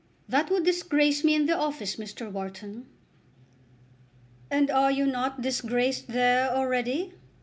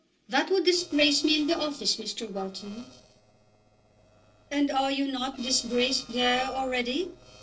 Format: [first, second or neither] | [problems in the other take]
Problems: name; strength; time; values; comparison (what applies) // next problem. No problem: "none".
first | noise reduction (neural separator model SepFormer DNS4)